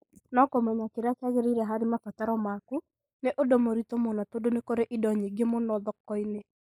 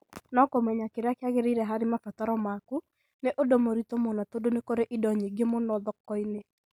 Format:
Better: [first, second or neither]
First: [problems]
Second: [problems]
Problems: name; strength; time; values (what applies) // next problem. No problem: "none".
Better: second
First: noise reduction (neural mask model Resemble Enhance denoiser)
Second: none